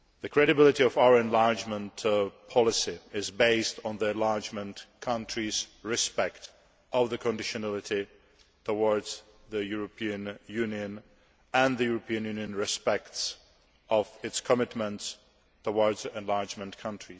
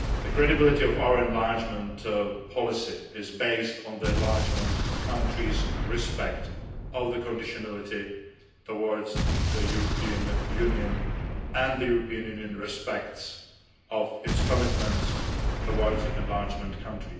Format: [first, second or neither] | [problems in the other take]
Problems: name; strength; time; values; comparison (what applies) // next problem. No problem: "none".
first | background sound (Explosion); as loud as the speech // room echo; dies away in 0.9 s